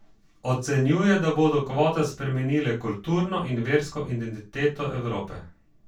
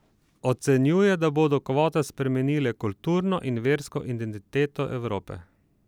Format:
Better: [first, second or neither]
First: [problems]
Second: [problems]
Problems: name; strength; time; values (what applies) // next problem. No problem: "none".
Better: second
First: room echo; dies away in 0.2 s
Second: none